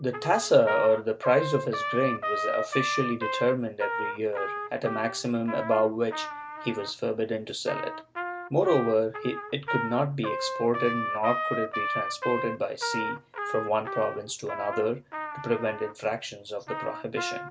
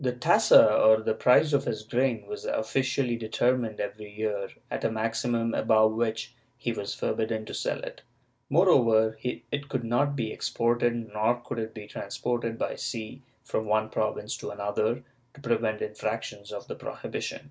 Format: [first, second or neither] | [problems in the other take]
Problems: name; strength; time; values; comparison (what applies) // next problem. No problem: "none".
second | background sound (Trumpet); 6 dB below the speech